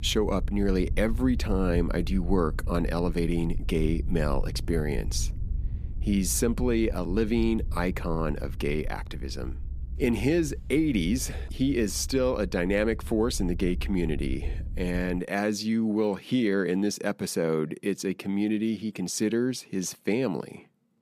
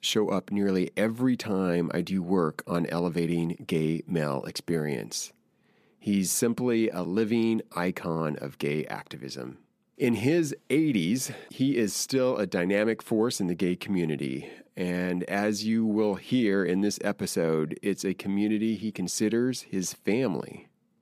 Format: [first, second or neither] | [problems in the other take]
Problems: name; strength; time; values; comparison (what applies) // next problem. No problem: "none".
second | low rumble; faint; until 15 s; 20 dB below the speech